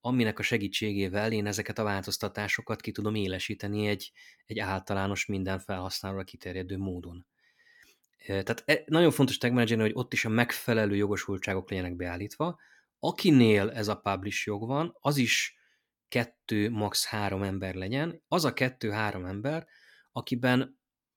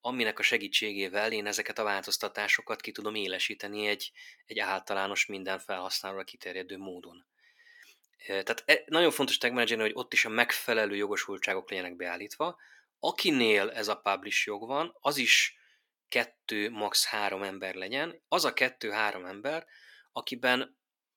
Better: first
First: none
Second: thin; somewhat; fading below 450 Hz

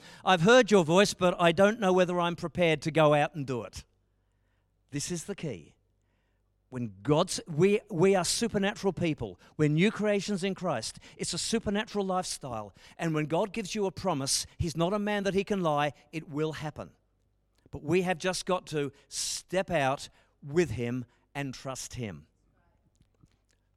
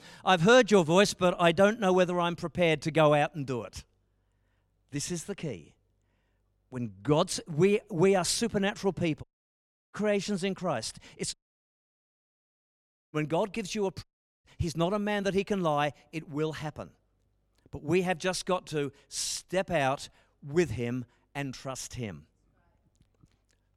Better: first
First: none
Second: audio cutting out; at 9 s for 0.5 s, at 11 s for 2 s and at 14 s

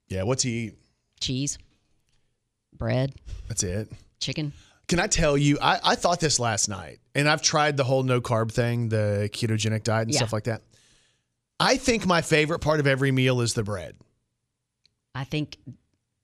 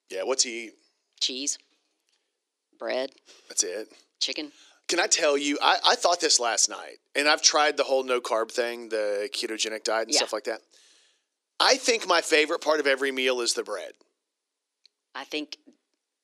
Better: first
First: none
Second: thin; somewhat; fading below 300 Hz

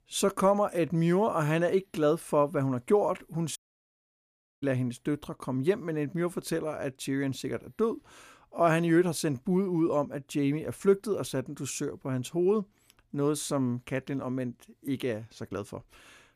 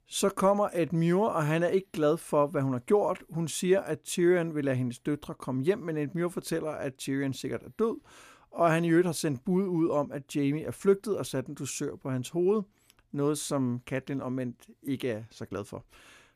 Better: second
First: audio cutting out; at 3.5 s for 1 s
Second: none

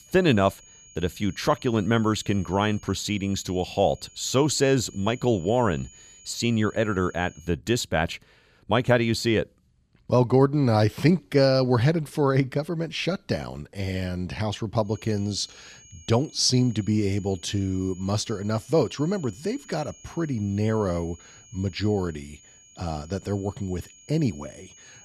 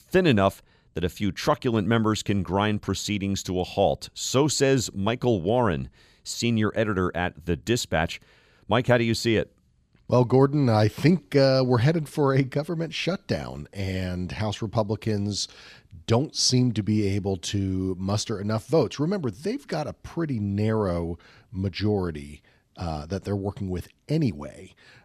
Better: second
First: high-pitched whine; faint; until 7.5 s and from 15 s on; 7 kHz, 25 dB below the speech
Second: none

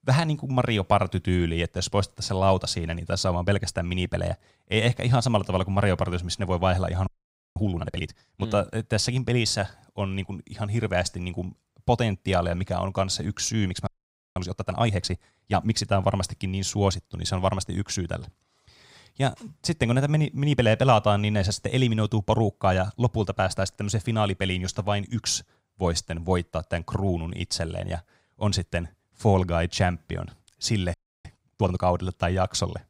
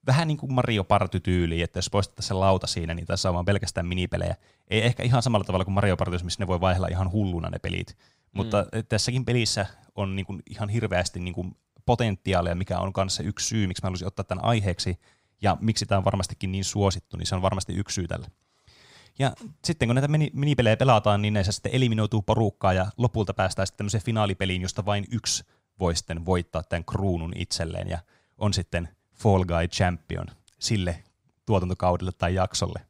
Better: second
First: audio freezing; at 7 s, at 14 s and at 31 s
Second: none

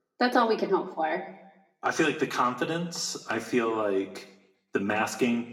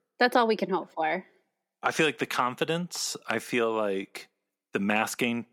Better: second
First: room echo; very slight; dies away in 0.6 s // off-mic speech; somewhat distant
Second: none

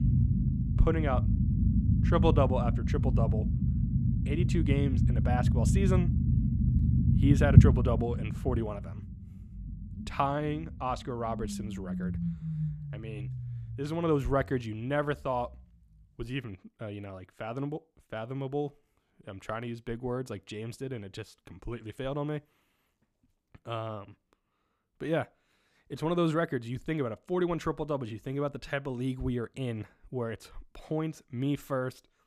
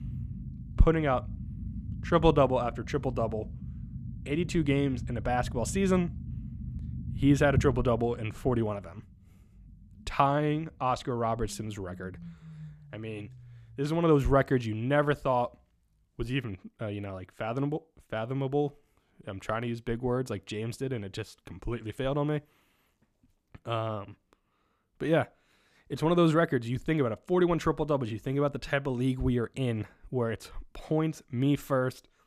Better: second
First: low rumble; loud; until 17 s; 4 dB below the speech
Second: low rumble; faint; until 17 s; 20 dB below the speech

